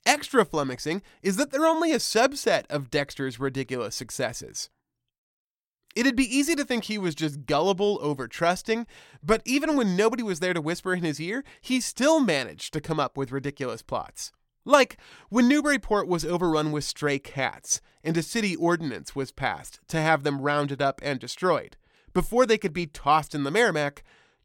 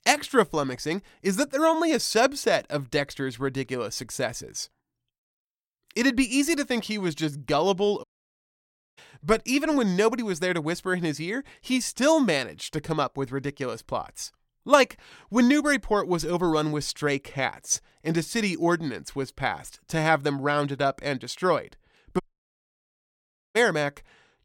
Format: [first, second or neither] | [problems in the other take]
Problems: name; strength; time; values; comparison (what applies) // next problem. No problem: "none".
first | audio cutting out; at 8 s for 1 s and at 22 s for 1.5 s